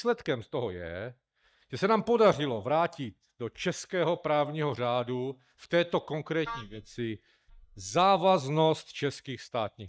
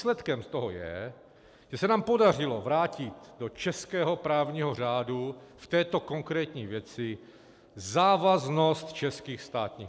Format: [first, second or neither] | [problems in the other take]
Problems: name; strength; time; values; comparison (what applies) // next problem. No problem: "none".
second | noise reduction (neural mask model DeepFilterNet 3)